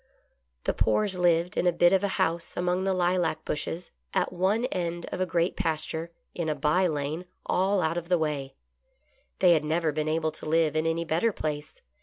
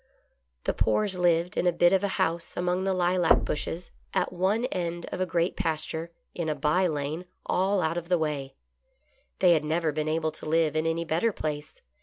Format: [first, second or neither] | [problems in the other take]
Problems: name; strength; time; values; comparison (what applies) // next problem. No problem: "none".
first | background sound (Knock / Wood); 4 dB below the speech